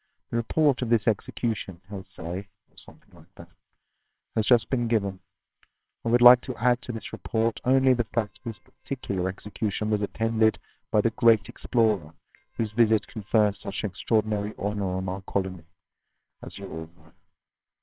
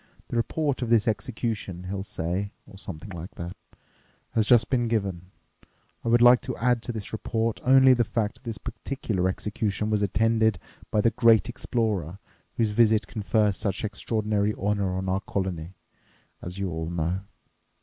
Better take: second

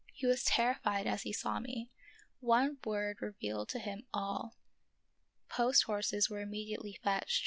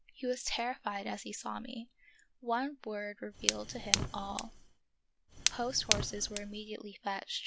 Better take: first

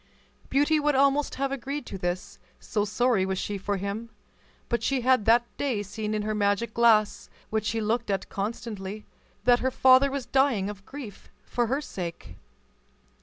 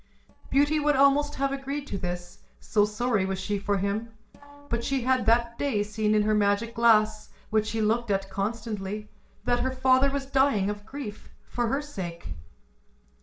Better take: first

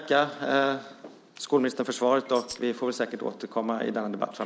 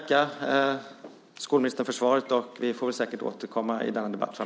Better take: second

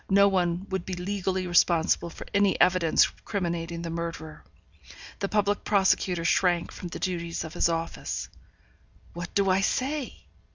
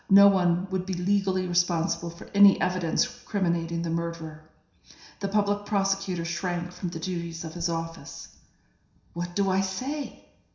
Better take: first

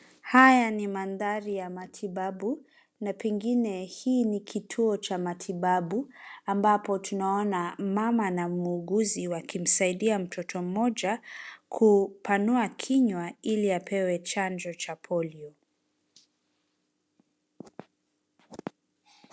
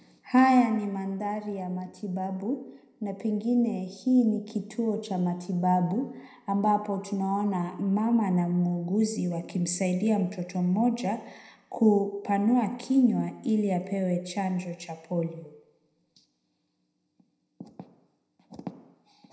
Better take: first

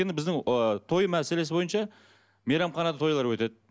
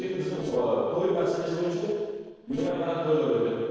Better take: first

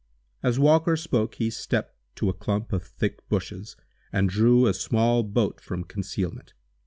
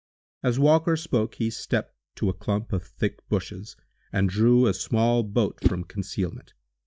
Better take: first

